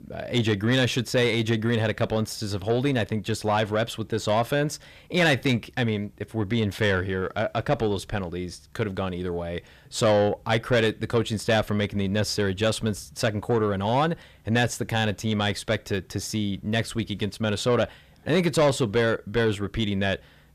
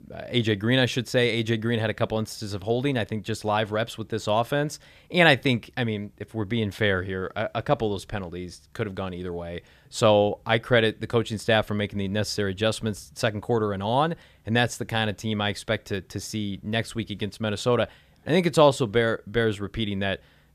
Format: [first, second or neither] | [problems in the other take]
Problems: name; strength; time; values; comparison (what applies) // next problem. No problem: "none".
second | distortion; slight; 10 dB below the speech